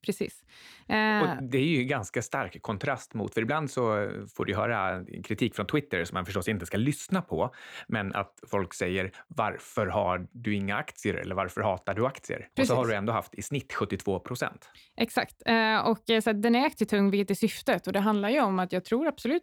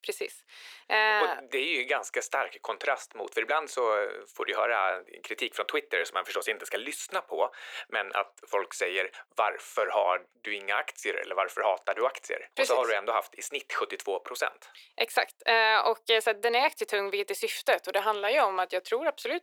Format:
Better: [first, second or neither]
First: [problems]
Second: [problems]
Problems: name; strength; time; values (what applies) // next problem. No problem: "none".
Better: first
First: none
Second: thin; very; fading below 450 Hz